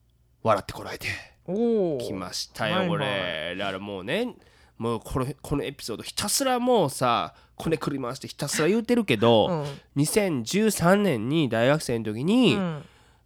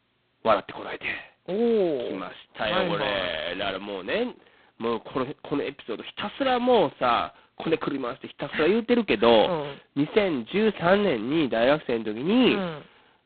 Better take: first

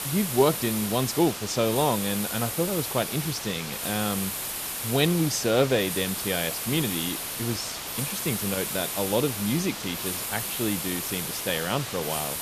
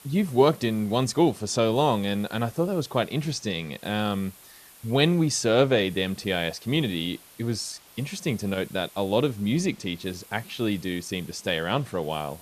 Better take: second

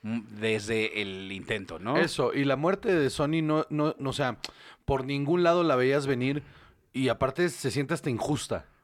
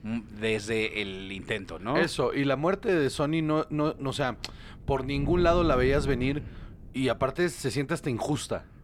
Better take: first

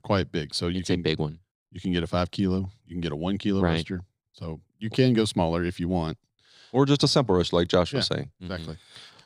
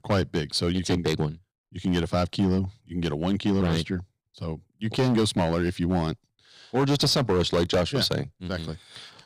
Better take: first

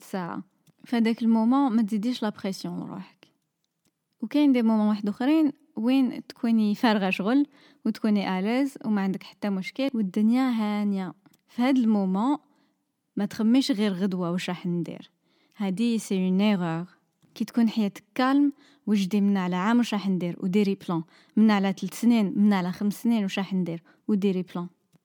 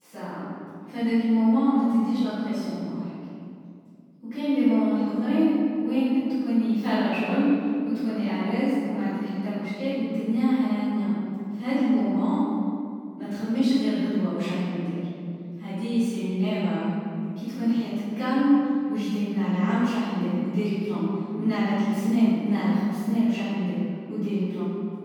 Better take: first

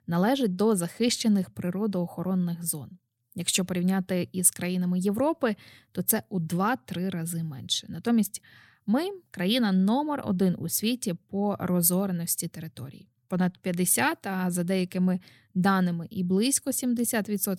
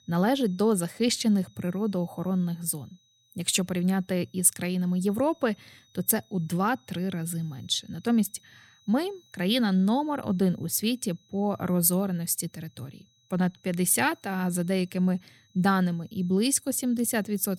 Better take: first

